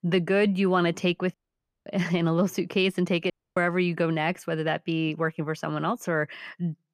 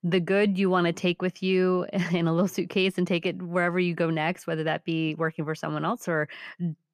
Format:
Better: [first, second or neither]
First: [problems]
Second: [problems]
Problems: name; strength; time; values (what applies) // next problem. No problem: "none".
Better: second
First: audio cutting out; at 1.5 s for 0.5 s and at 3.5 s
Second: none